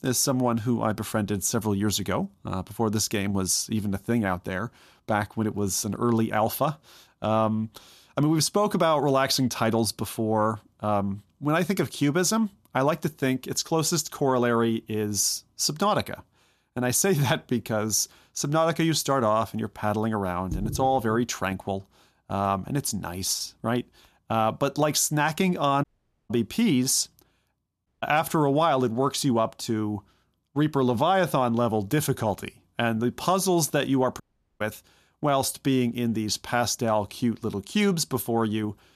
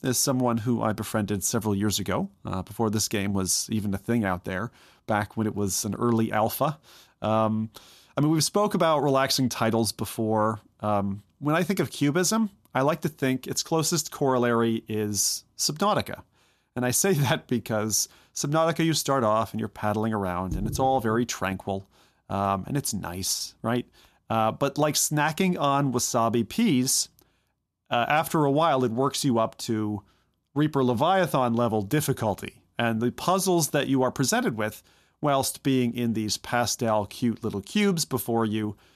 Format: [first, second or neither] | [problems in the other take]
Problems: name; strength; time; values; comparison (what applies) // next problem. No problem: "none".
second | audio cutting out; at 26 s, at 28 s and at 34 s